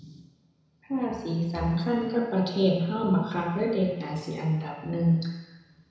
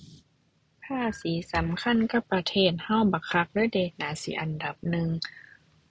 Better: second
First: room echo; dies away in 1 s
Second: none

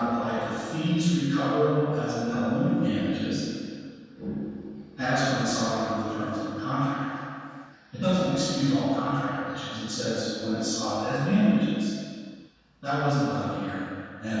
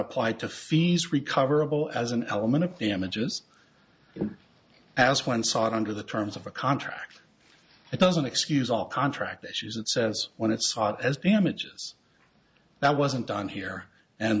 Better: second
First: room echo; dies away in 2.1 s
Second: none

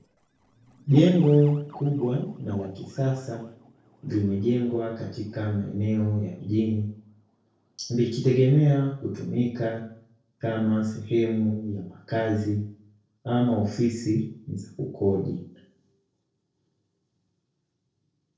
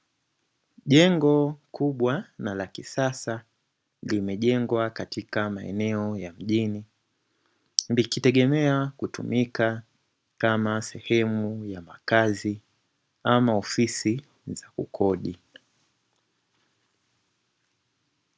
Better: second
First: noise reduction (neural separator model SepFormer DNS4)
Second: none

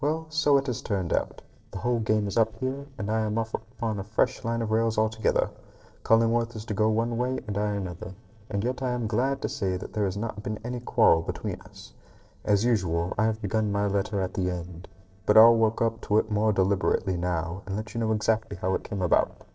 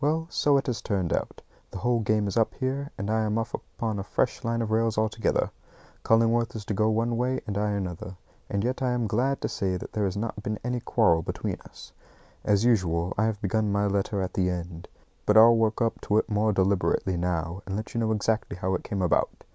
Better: second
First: noise reduction (neural separator model SepFormer DNS4)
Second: none

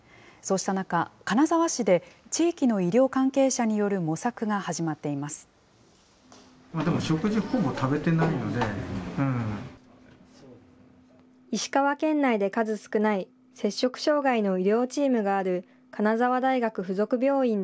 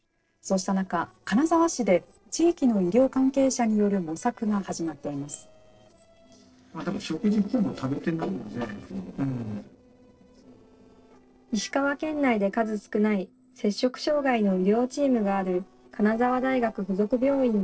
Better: first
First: none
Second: noise reduction (neural separator model SepFormer DNS4)

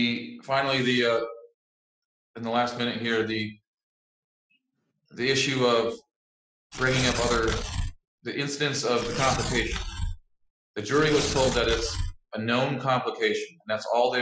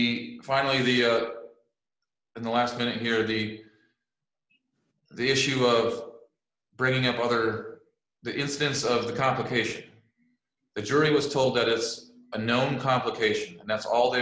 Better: second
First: noise reduction (classical method Wiener filter)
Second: none

